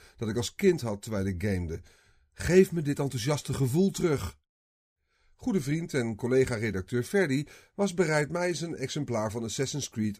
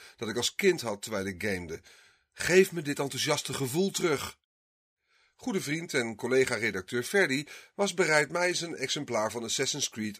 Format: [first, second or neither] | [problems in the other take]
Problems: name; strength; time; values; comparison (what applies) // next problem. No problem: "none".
first | thin; somewhat; fading below 550 Hz